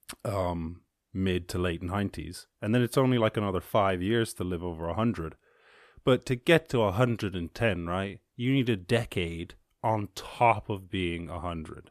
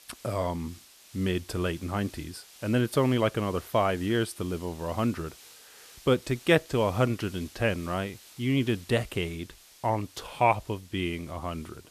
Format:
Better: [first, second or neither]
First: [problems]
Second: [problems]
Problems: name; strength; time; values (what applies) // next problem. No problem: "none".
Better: first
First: none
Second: hiss; faint; throughout; 20 dB below the speech